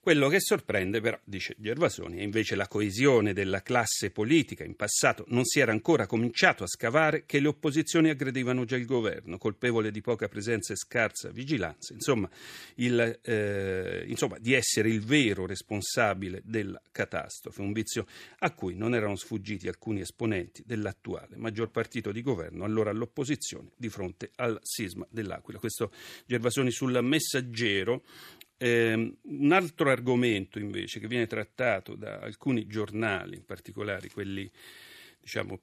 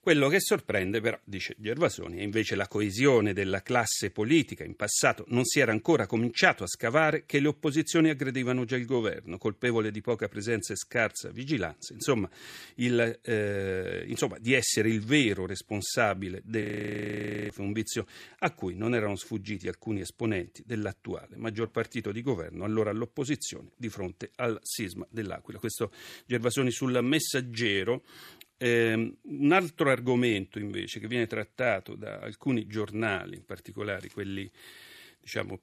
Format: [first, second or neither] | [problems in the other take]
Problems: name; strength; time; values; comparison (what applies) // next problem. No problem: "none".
first | audio freezing; at 17 s for 1 s